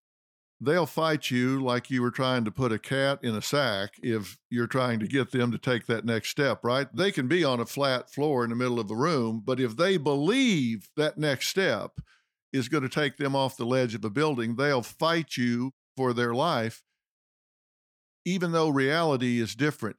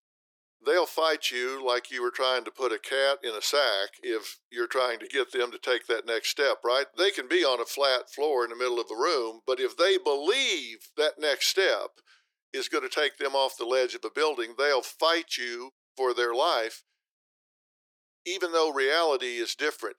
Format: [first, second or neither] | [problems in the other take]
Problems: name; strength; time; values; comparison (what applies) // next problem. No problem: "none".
first | thin; very; fading below 350 Hz